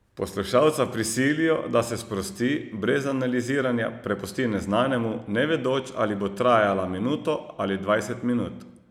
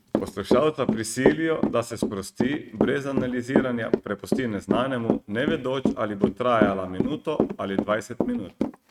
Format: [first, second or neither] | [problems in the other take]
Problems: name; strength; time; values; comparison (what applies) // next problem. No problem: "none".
first | noise reduction (neural mask model RNNoise)